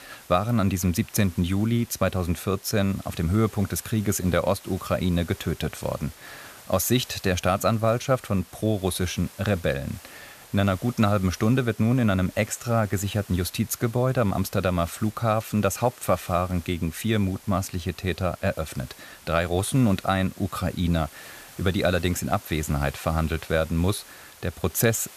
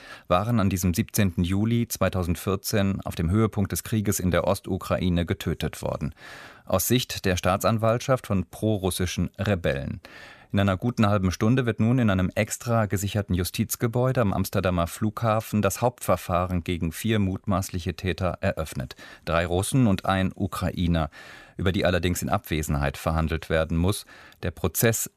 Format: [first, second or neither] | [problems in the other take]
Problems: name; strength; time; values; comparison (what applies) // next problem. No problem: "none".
second | hiss; faint; throughout; 20 dB below the speech